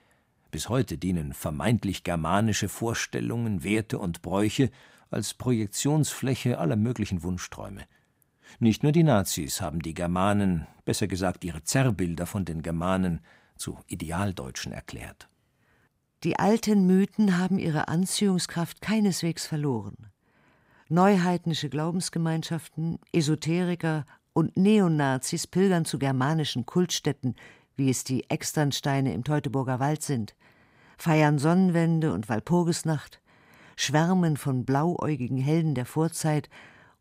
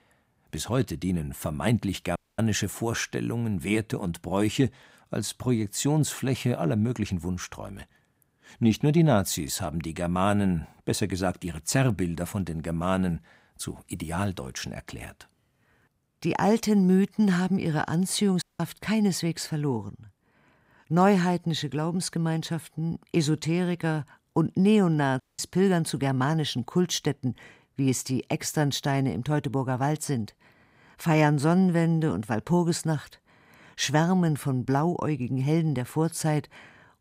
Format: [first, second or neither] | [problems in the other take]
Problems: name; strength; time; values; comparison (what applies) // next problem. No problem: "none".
first | audio cutting out; at 2 s, at 18 s and at 25 s